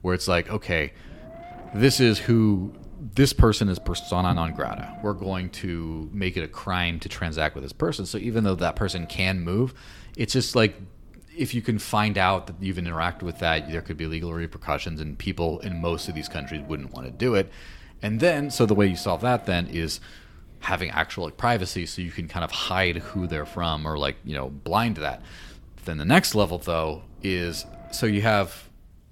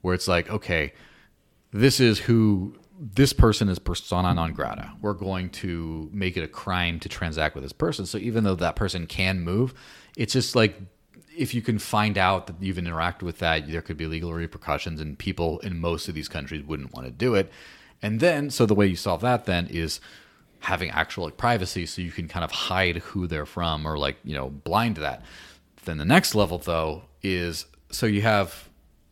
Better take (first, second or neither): second